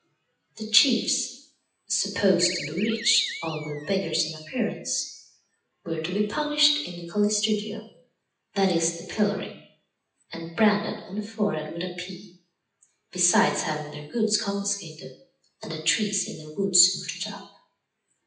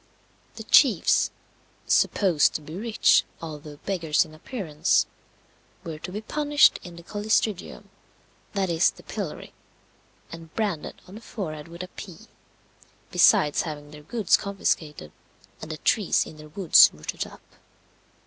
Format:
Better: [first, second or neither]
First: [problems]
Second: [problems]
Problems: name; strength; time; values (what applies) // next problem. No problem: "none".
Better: second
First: noise reduction (classical method WPE with log-MMSE)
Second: none